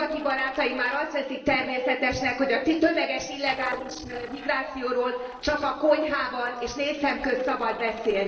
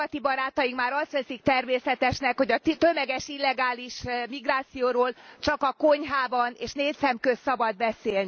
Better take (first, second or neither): second